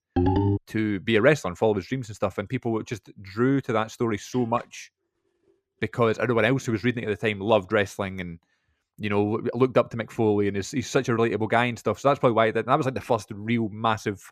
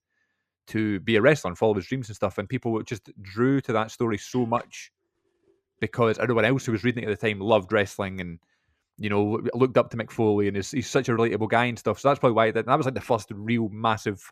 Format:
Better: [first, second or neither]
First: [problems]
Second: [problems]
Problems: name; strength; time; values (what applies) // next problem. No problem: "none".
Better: second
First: phone ringing; loud; at the start; peak 2 dB above the speech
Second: none